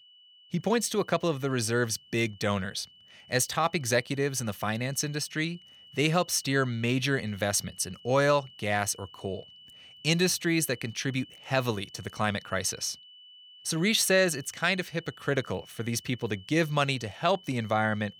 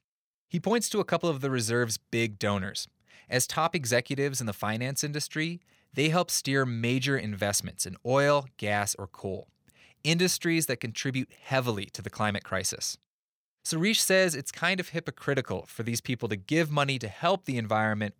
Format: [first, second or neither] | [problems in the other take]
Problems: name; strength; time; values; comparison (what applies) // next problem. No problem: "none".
second | high-pitched whine; faint; throughout; 3 kHz, 20 dB below the speech